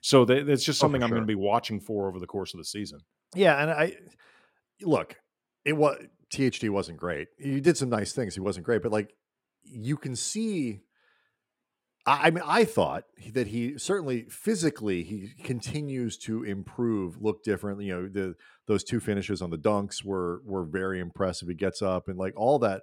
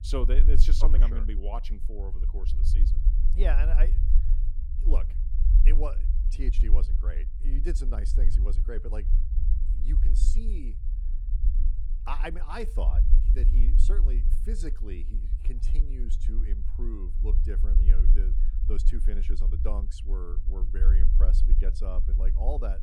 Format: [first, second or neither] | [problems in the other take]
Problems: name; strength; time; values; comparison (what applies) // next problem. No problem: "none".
first | low rumble; loud; throughout; 8 dB below the speech